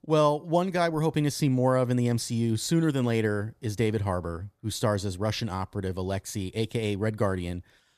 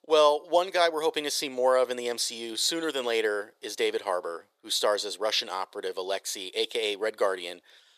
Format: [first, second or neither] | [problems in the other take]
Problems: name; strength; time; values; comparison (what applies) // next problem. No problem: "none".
first | thin; very; fading below 450 Hz